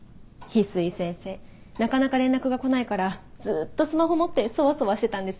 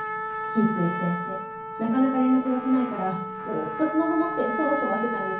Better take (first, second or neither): first